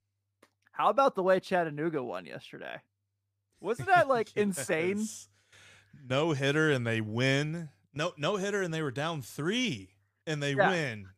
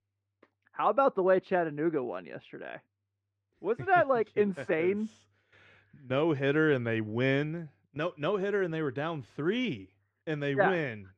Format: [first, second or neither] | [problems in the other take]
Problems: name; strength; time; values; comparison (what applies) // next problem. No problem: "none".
first | muffled; very; fading above 2.5 kHz